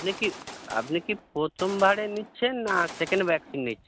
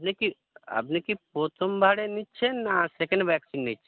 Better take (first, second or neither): second